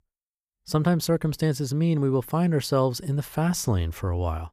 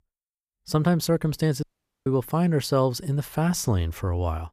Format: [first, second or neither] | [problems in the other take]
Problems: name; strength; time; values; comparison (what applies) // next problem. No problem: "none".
first | audio cutting out; at 1.5 s